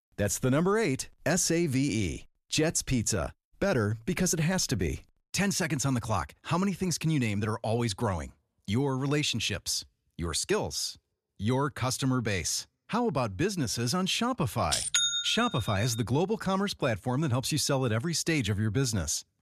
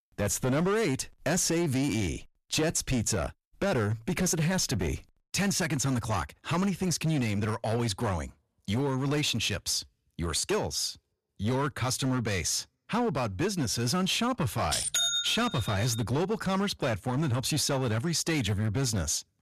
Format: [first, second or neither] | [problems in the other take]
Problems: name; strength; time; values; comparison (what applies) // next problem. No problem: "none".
first | distortion; slight; 14% of the sound clipped